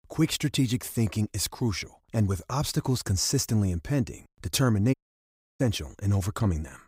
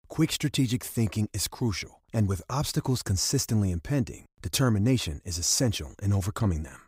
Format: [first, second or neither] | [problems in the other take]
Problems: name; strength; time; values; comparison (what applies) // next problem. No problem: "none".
second | audio cutting out; at 5 s for 0.5 s